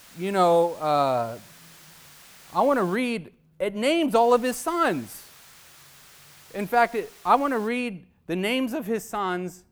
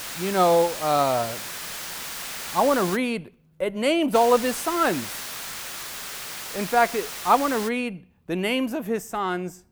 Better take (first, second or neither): first